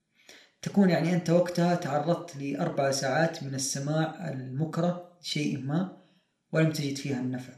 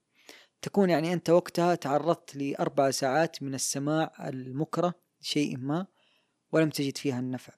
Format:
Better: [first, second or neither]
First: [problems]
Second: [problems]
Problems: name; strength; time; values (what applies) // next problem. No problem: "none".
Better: second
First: room echo; very slight; dies away in 0.4 s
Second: none